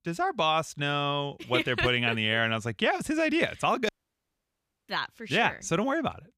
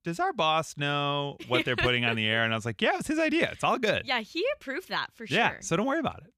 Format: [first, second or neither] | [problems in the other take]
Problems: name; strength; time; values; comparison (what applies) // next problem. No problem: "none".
second | audio cutting out; at 4 s for 1 s